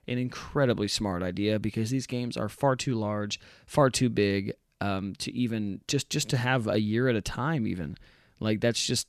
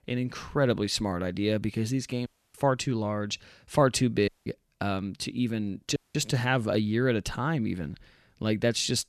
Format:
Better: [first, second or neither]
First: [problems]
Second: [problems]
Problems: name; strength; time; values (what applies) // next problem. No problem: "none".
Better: first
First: none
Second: audio cutting out; at 2.5 s, at 4.5 s and at 6 s